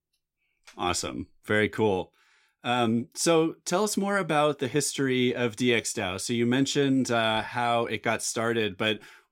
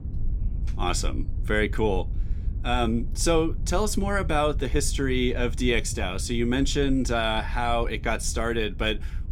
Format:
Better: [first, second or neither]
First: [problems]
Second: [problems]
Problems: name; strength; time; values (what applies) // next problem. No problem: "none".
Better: first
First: none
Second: low rumble; faint; throughout; 20 dB below the speech